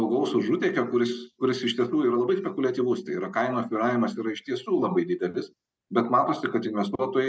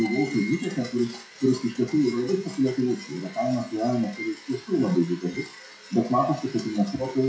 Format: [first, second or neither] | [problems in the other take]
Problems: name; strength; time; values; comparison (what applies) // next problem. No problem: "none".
first | noise reduction (classical method WPE with log-MMSE)